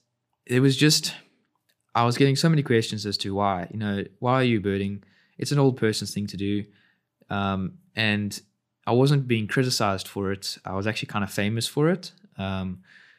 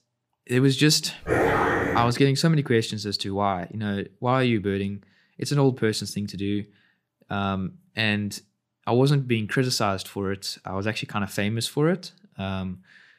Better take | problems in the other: first | dog barking; loud; at 1.5 s; peak 4 dB above the speech

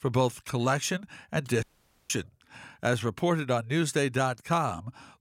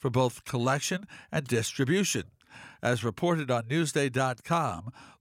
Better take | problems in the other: second | audio cutting out; at 1.5 s

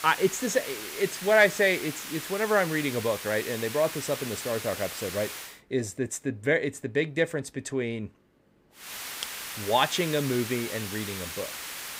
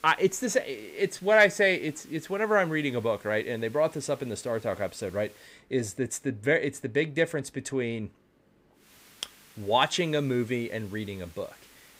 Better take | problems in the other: second | hiss; loud; until 5.5 s and from 9 s on; 8 dB below the speech; faint in the second

